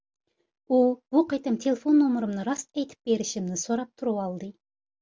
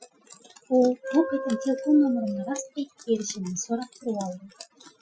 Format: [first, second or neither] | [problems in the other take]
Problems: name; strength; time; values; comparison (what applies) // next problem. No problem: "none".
first | noise reduction (classical method Wiener filter)